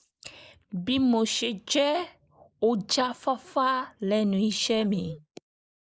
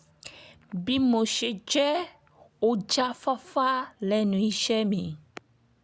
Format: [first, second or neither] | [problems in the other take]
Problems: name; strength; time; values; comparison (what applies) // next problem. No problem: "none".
second | noise reduction (neural mask model Resemble Enhance denoiser)